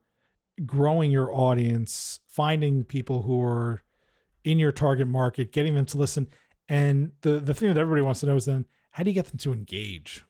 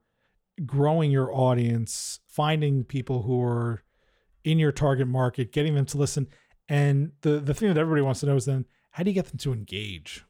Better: second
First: garbled, watery; slightly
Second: none

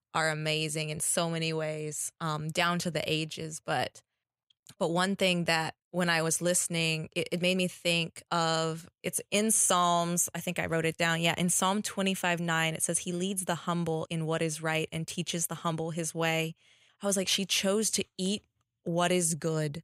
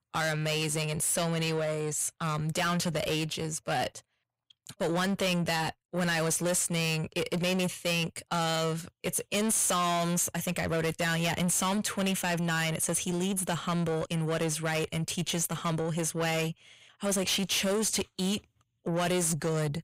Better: first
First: none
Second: distortion; heavy; 7 dB below the speech

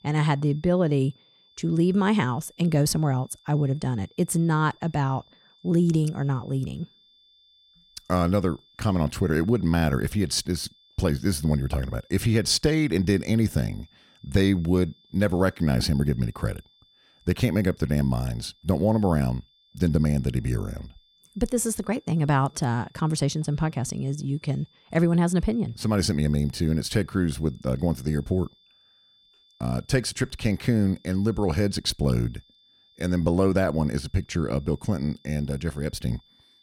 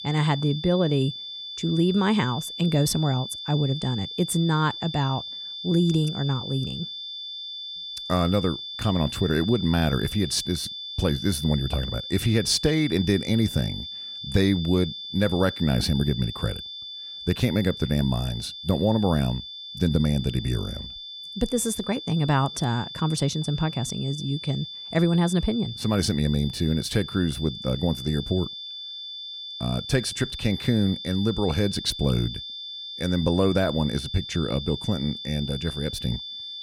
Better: first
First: high-pitched whine; faint; throughout; 3.5 kHz, 30 dB below the speech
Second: high-pitched whine; loud; throughout; 3.5 kHz, 9 dB below the speech

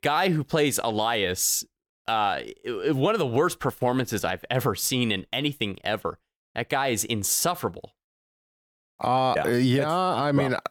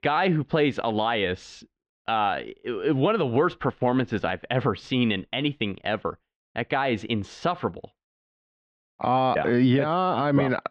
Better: first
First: none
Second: muffled; very; fading above 3.5 kHz

